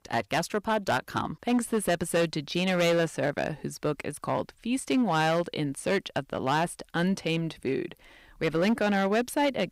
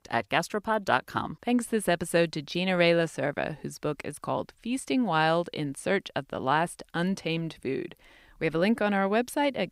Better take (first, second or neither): second